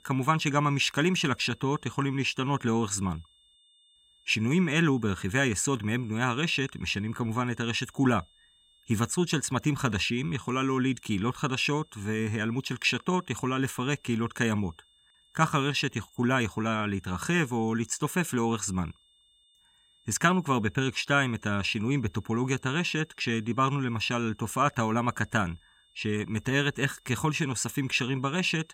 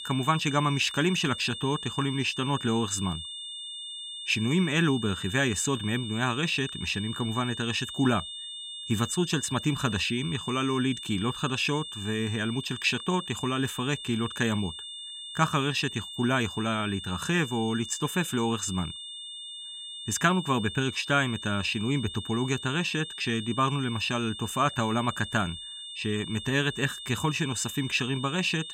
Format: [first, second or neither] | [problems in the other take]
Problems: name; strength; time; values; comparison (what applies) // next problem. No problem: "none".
first | high-pitched whine; loud; throughout; 3.5 kHz, 9 dB below the speech; faint in the first